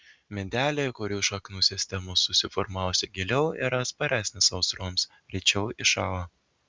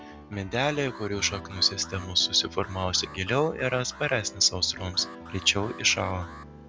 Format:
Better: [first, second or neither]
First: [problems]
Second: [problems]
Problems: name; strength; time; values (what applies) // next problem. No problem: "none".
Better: first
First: none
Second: background sound (Alarm + Piano); 15 dB below the speech